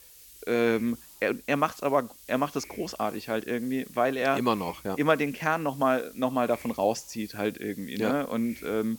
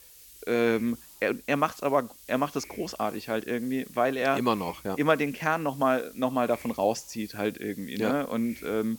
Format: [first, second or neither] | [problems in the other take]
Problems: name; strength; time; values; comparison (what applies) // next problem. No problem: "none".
neither | hiss; noticeable; throughout; 20 dB below the speech; the same in both